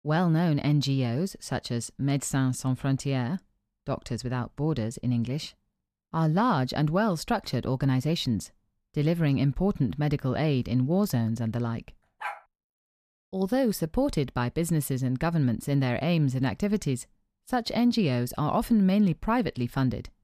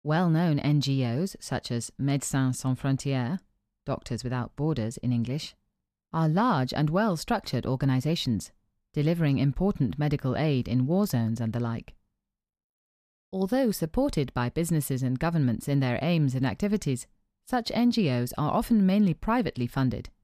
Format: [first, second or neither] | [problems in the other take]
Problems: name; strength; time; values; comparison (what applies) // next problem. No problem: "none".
second | dog barking; faint; at 12 s; peak 10 dB below the speech